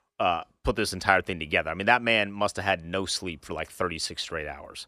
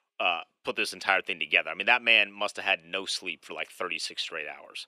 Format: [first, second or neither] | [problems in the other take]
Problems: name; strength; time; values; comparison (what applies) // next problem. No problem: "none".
first | thin; somewhat; fading below 300 Hz